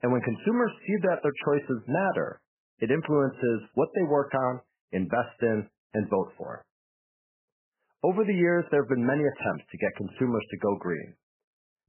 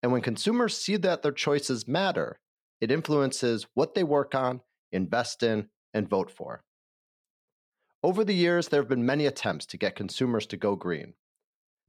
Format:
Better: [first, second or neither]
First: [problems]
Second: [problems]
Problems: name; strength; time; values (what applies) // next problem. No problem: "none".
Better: second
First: garbled, watery; badly; nothing above 3 kHz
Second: none